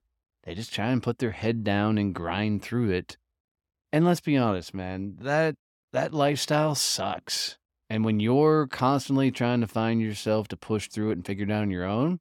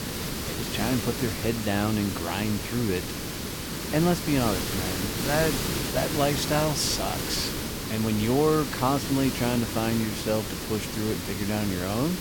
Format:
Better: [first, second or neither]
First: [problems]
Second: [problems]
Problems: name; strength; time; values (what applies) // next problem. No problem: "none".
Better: first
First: none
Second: hiss; loud; throughout; 3 dB below the speech